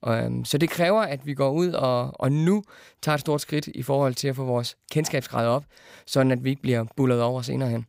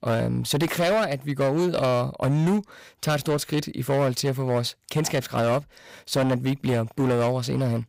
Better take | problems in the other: first | distortion; slight; 13% of the sound clipped

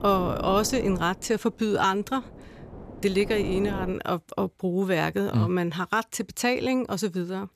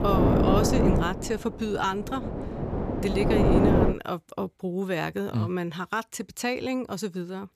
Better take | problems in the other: first | wind noise on the microphone; heavy; until 4 s; 3 dB above the speech; occasional gusts in the first

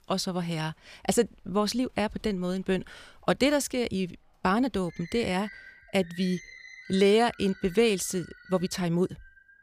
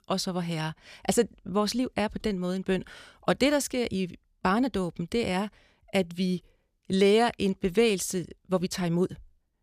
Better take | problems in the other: second | animal sounds; noticeable; throughout; 20 dB below the speech

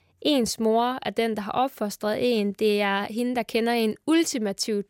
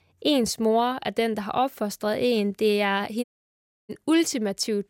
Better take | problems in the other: first | audio cutting out; at 3 s for 0.5 s

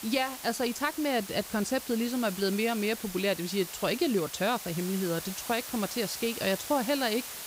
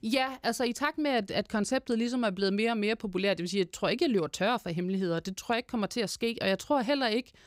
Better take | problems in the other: second | hiss; loud; throughout; 9 dB below the speech

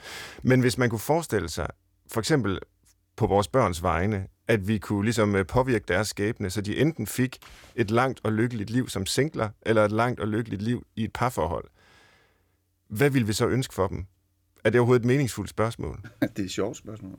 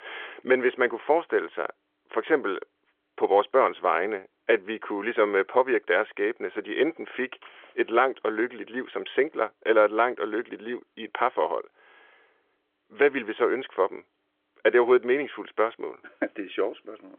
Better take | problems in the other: first | phone-call audio; nothing above 3.5 kHz

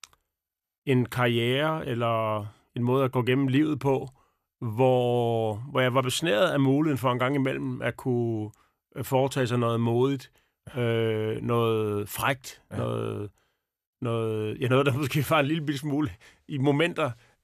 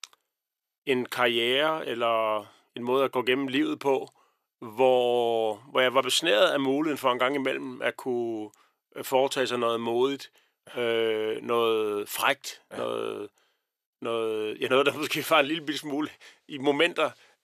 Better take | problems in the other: first | thin; somewhat; fading below 400 Hz

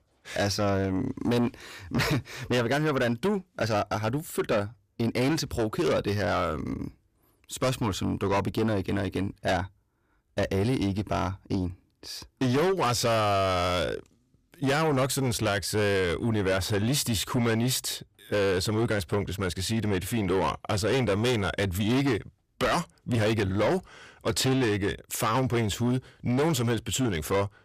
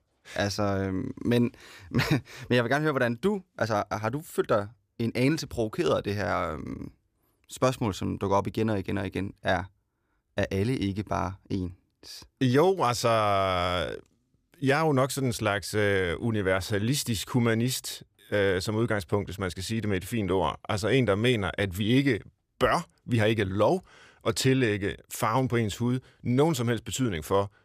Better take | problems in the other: second | distortion; heavy; 8 dB below the speech

